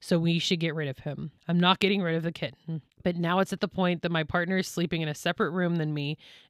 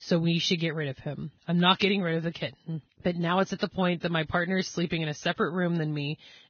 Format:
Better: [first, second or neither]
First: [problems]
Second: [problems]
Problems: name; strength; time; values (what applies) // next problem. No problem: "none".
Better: first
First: none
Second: garbled, watery; badly; nothing above 6.5 kHz